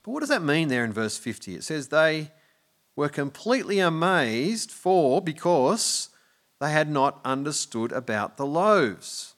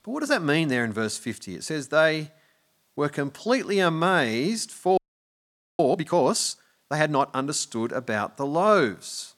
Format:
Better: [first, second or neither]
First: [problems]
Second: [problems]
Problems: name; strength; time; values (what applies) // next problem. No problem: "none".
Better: first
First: none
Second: audio freezing; at 5 s for 1 s